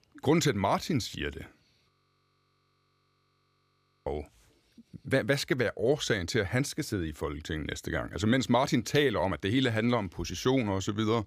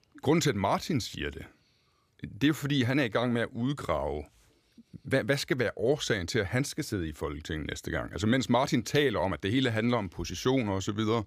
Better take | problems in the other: second | audio freezing; at 2 s for 2 s

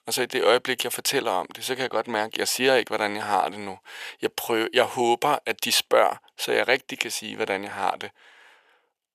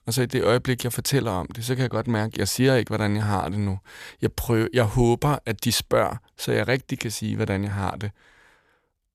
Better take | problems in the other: second | thin; very; fading below 500 Hz

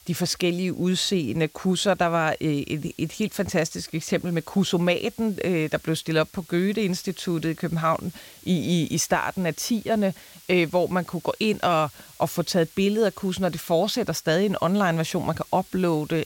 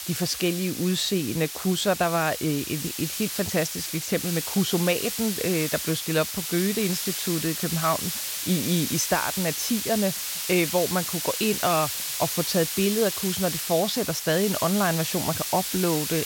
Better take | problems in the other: first | hiss; loud; throughout; 3 dB below the speech; faint in the first

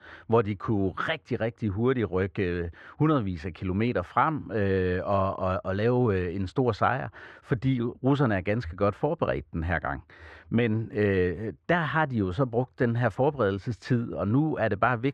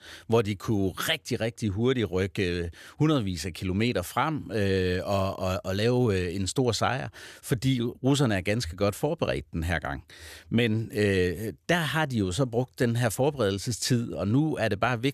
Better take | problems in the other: second | muffled; very; fading above 2 kHz

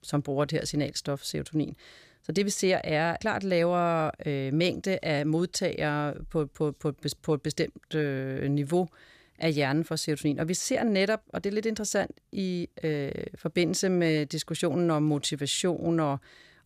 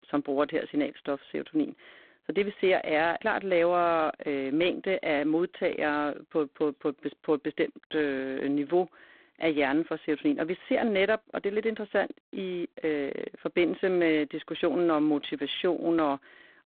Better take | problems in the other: first | phone-call audio; poor line

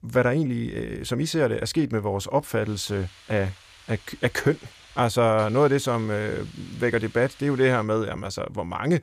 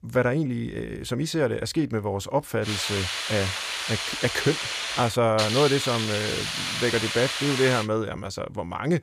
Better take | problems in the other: first | hiss; loud; from 2.5 to 8 s; 1 dB below the speech; faint in the first

